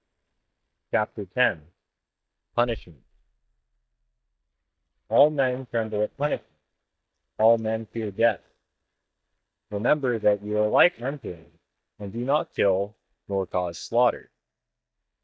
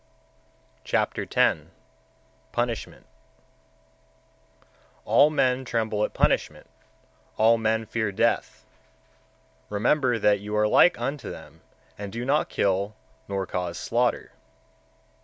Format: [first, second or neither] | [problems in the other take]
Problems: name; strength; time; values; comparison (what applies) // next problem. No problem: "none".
second | noise reduction (neural mask model DeepFilterNet 3)